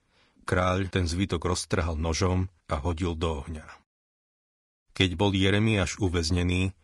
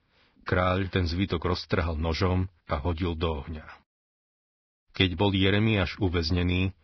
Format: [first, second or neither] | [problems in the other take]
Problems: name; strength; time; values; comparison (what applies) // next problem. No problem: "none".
first | garbled, watery; badly; nothing above 5.5 kHz; slightly in the first